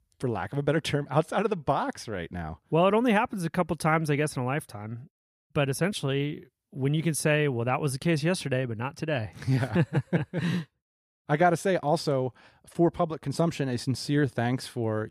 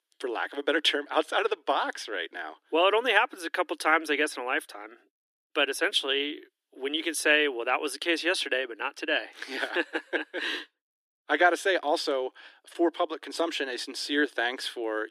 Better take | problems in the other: first | thin; very; fading below 300 Hz

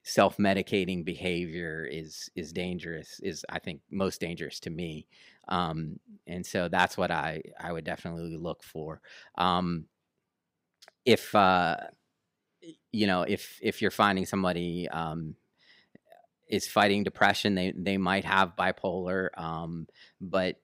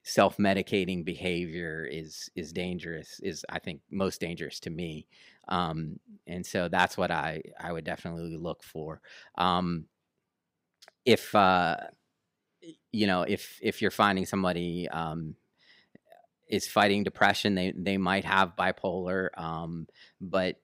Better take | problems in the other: neither | none

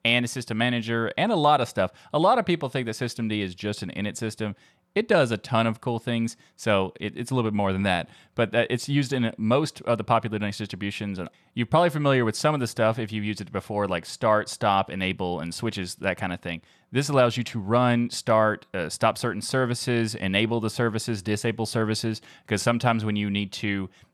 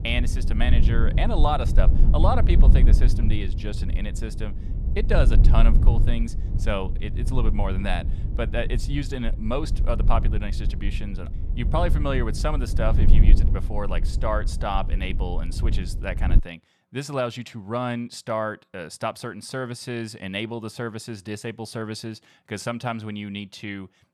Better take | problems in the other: first | low rumble; loud; until 16 s; 10 dB below the speech

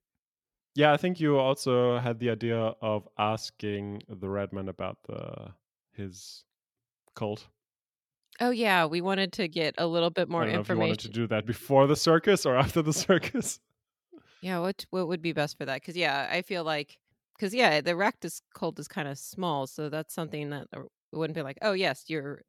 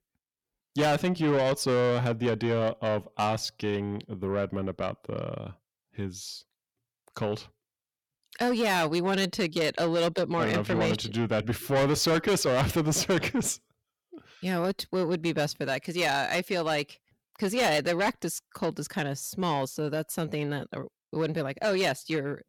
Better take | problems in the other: first | distortion; heavy; 7 dB below the speech

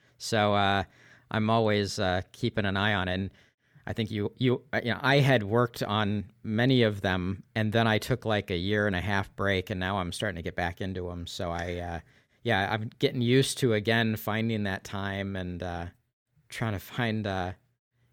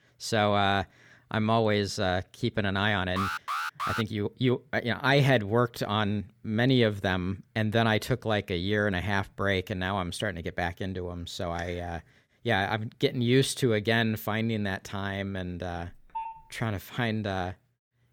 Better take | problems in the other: first | alarm; noticeable; at 3 s; peak 3 dB below the speech // phone ringing; faint; at 16 s; peak 10 dB below the speech

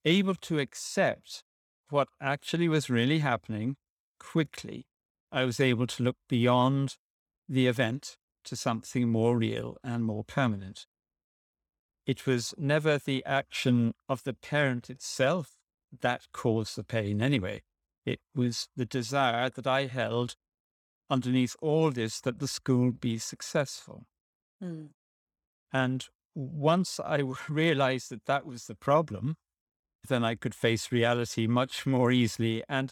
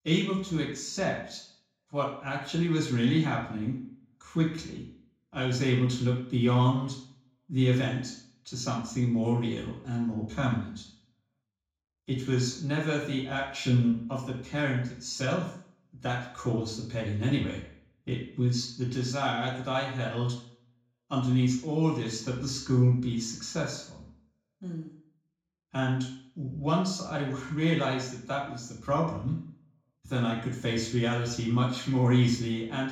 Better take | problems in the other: first | room echo; noticeable; dies away in 0.5 s // off-mic speech; far

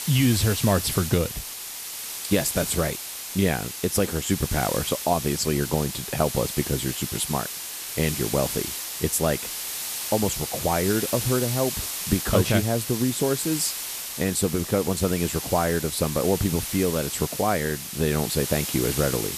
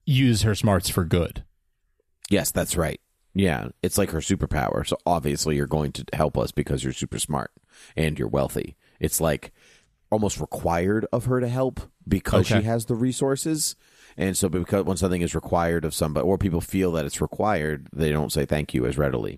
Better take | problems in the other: second | hiss; loud; throughout; 5 dB below the speech

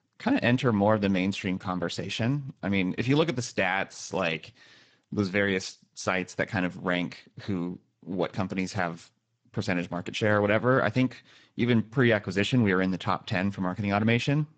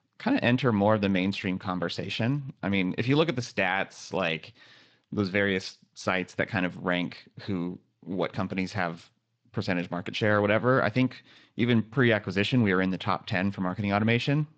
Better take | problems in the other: second | garbled, watery; badly; nothing above 8 kHz; slightly in the second

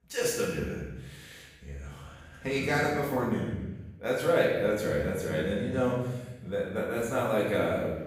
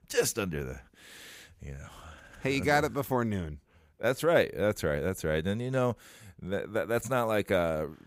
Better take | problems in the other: second | off-mic speech; far // room echo; noticeable; dies away in 1 s

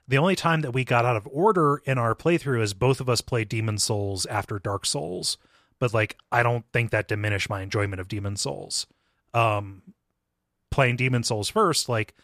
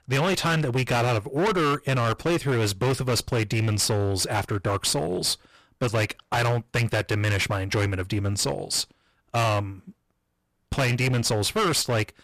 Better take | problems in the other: first | distortion; heavy; 23% of the sound clipped

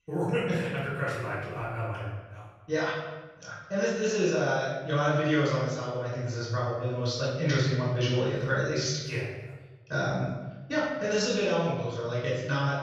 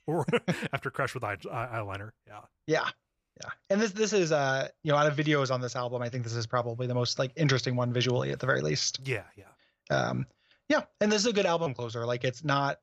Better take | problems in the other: second | room echo; strong; dies away in 1.1 s // off-mic speech; far

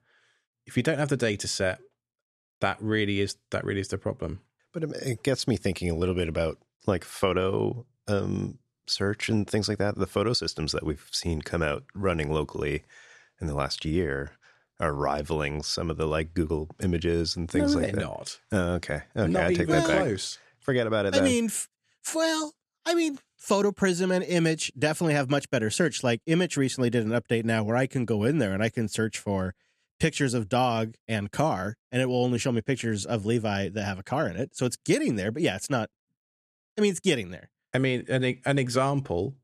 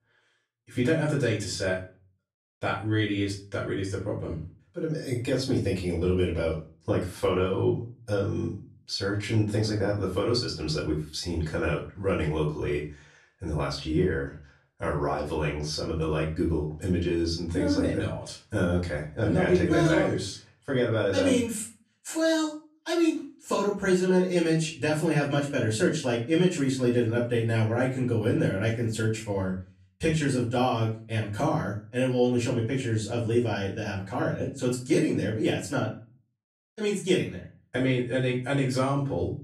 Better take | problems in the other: first | off-mic speech; far // room echo; slight; dies away in 0.3 s

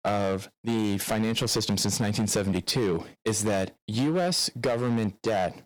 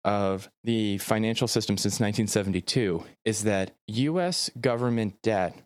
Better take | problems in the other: second | distortion; heavy; 12% of the sound clipped

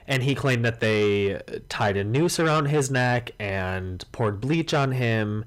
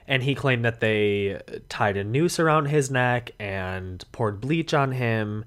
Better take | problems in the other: second | distortion; slight; 10 dB below the speech

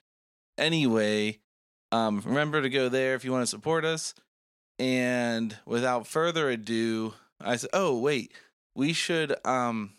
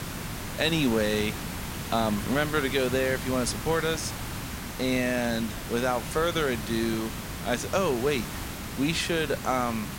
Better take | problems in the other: first | hiss; loud; throughout; 7 dB below the speech

